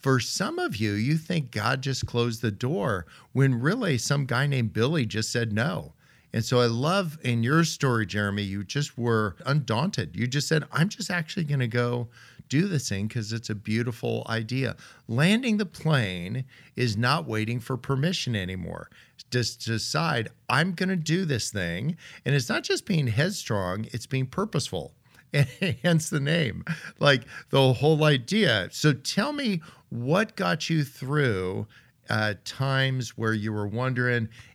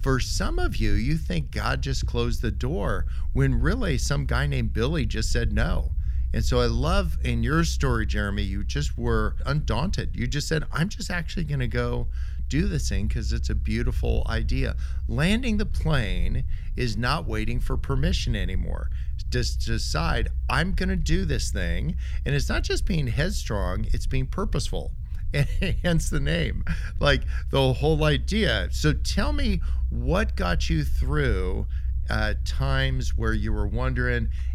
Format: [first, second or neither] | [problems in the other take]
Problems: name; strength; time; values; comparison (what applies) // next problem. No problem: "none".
first | low rumble; faint; throughout; 20 dB below the speech